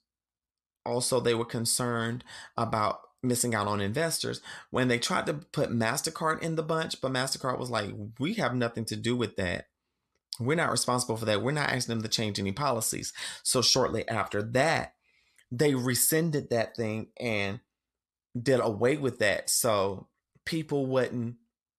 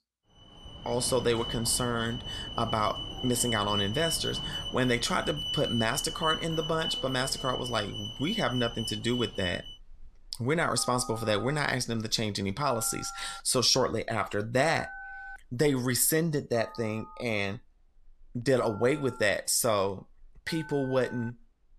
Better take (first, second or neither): first